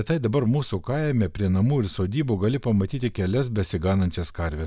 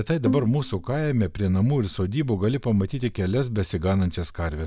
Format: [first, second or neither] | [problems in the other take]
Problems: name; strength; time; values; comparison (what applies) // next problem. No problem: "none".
first | background sound (Bowed string instrument); 9 dB below the speech